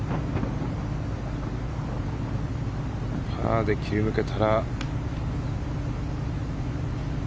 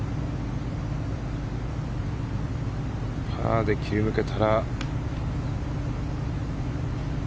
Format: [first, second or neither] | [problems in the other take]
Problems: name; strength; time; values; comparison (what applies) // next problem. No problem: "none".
second | background sound (Thunder); 12 dB below the speech